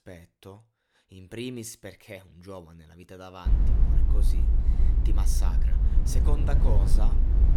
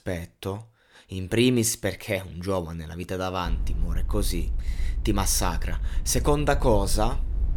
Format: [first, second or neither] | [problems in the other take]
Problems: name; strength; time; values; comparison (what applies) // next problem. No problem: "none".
second | low rumble; loud; from 3.5 s on; 2 dB below the speech; faint in the second